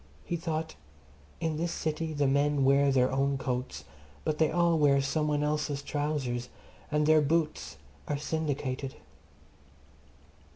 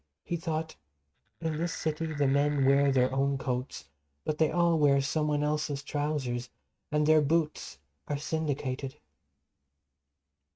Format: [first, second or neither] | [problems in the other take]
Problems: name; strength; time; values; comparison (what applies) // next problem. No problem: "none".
first | noise reduction (neural mask model RNNoise)